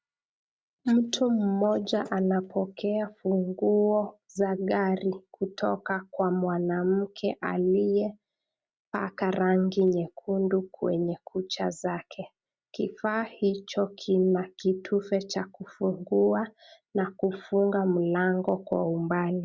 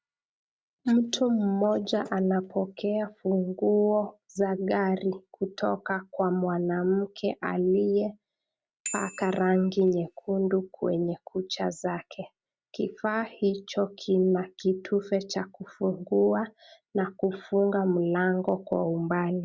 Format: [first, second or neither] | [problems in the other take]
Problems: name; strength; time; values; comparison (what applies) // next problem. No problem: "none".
first | background sound (Bicycle bell); 17 dB below the speech